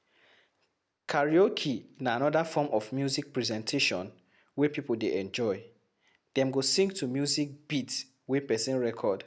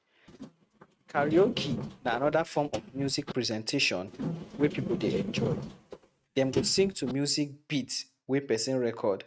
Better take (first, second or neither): first